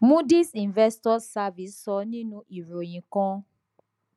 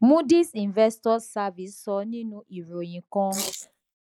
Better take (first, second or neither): first